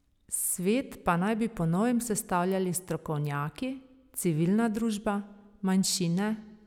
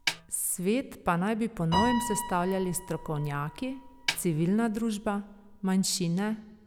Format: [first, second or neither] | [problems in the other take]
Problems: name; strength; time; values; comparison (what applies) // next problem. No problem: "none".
first | background sound (Piano + Snare drum); 8 dB below the speech